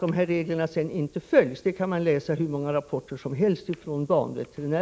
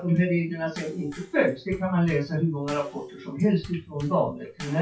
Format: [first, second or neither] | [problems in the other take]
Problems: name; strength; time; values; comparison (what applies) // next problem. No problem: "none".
first | noise reduction (classical method WPE with log-MMSE)